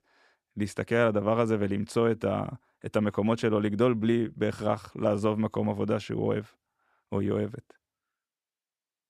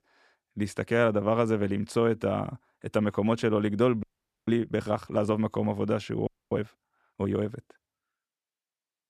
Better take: first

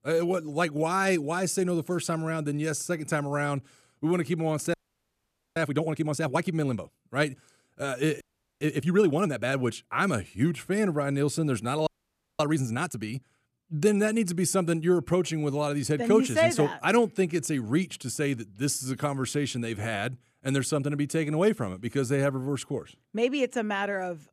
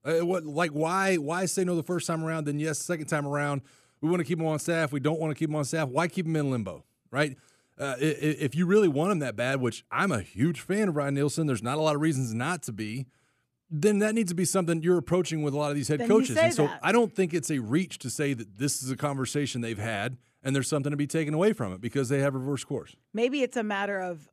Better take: second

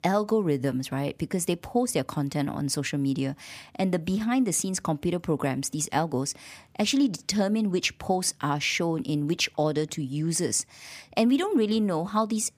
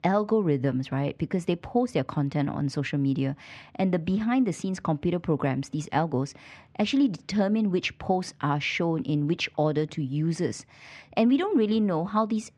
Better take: first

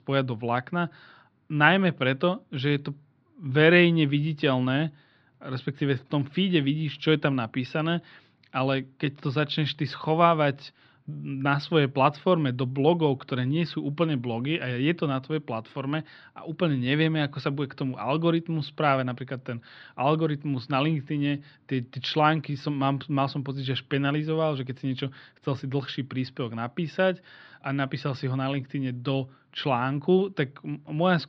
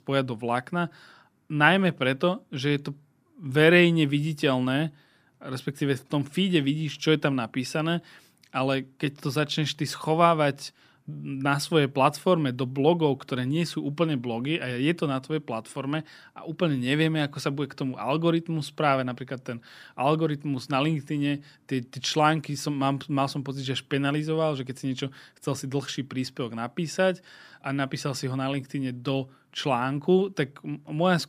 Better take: second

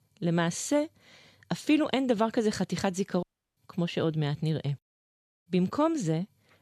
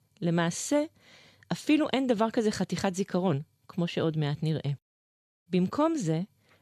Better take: second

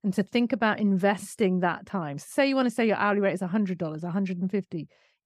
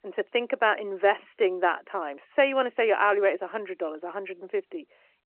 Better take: first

